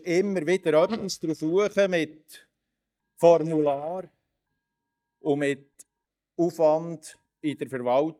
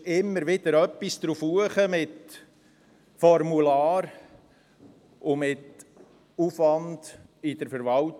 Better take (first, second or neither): second